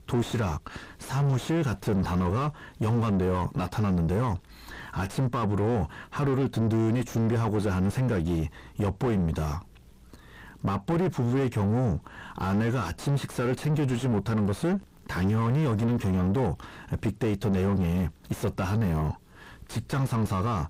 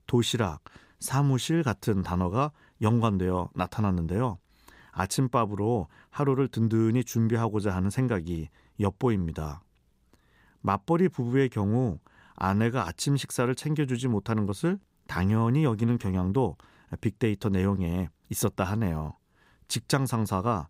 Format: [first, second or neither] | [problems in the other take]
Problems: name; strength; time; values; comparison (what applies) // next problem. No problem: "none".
second | distortion; heavy; 5 dB below the speech